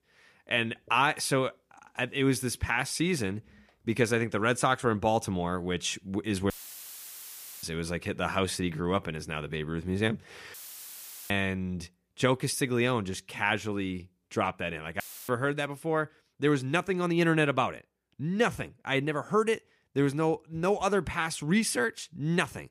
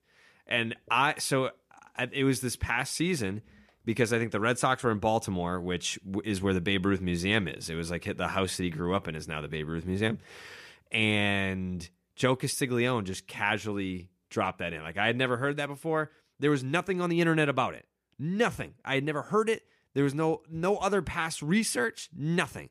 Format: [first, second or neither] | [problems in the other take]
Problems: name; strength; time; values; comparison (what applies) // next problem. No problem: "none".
second | audio cutting out; filled with static; at 6.5 s for 1 s, at 11 s for 1 s and at 15 s